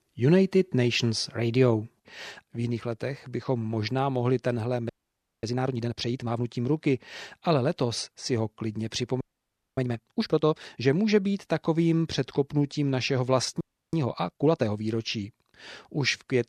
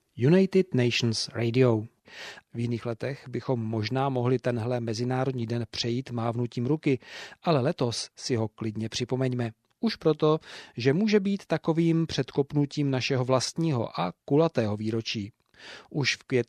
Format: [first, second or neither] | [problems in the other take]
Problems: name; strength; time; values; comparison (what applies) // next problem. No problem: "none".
second | audio freezing; at 5 s for 0.5 s, at 9 s for 0.5 s and at 14 s